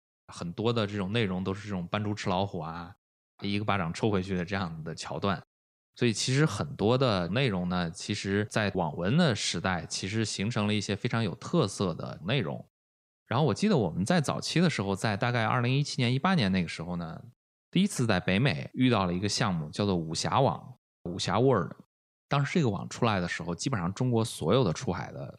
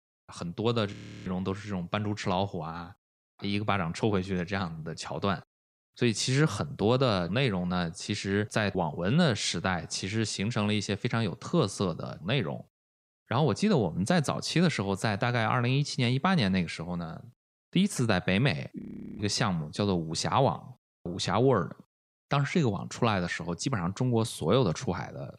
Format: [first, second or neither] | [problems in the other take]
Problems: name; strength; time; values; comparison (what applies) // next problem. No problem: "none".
first | audio freezing; at 1 s and at 19 s